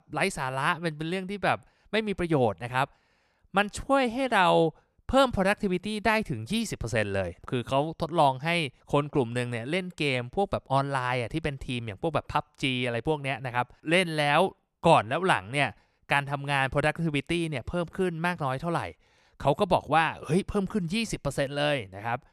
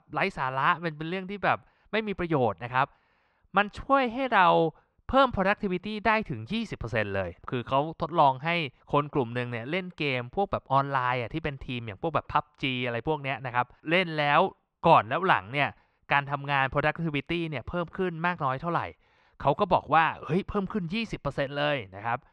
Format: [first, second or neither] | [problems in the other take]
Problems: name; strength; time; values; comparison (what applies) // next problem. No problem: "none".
first | muffled; slightly; fading above 3 kHz